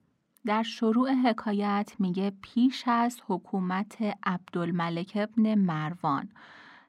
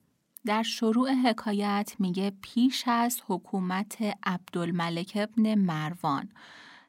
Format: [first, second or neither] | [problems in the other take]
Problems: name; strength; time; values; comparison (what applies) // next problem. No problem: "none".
second | muffled; slightly; fading above 2.5 kHz